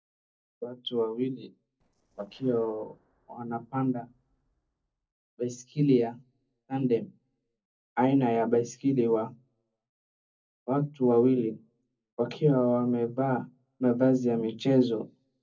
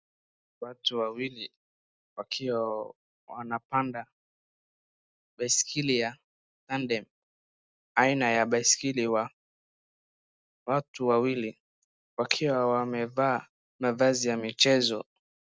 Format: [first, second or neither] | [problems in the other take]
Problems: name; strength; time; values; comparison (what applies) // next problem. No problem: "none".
second | noise reduction (neural separator model SepFormer DNS4)